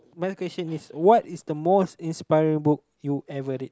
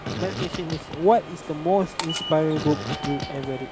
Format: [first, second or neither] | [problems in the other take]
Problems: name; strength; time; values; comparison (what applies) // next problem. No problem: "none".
first | background sound (Walk, footsteps / Subway, metro, underground + Fart); 7 dB below the speech